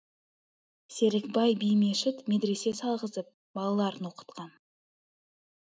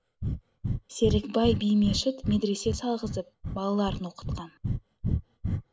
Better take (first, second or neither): first